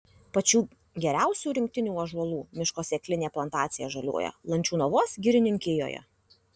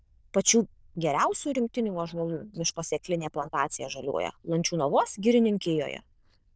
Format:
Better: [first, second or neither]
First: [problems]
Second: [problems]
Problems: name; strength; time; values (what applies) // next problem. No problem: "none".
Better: first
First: none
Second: noise reduction (neural diffusion model UNIVERSE++)